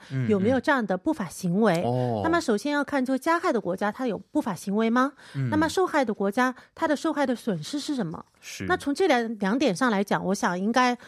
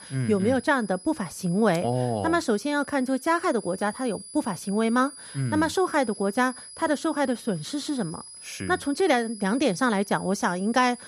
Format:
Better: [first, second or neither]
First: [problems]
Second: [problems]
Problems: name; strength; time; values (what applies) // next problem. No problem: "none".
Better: first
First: none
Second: high-pitched whine; noticeable; throughout; 10 kHz, 15 dB below the speech